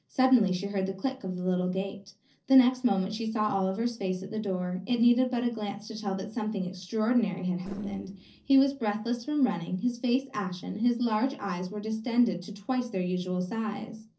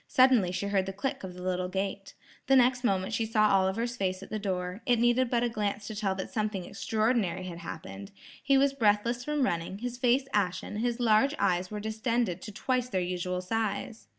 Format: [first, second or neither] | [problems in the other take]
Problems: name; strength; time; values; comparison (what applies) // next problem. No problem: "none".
second | noise reduction (neural separator model SepFormer DNS4)